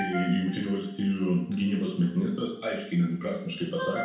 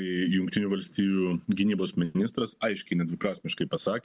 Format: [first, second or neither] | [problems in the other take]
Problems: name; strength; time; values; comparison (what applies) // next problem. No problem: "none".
second | background sound (Ringtone); 13 dB below the speech // room echo; dies away in 0.6 s